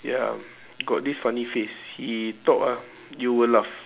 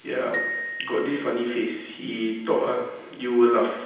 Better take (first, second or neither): first